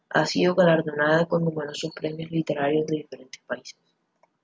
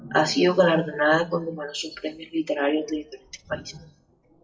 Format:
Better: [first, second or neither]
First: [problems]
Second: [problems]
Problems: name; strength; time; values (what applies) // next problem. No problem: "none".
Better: first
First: none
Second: noise reduction (classical method WPE with log-MMSE)